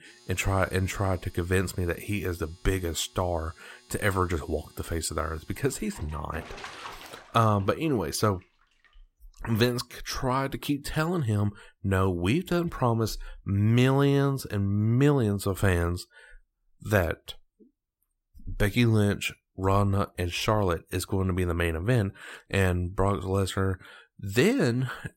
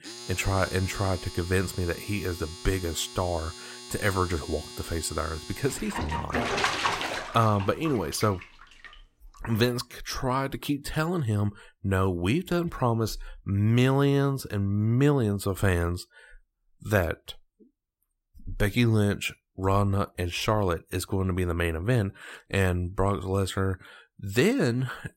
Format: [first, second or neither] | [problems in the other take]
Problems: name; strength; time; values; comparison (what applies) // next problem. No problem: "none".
first | household noises; loud; until 9.5 s; 7 dB below the speech; faint in the first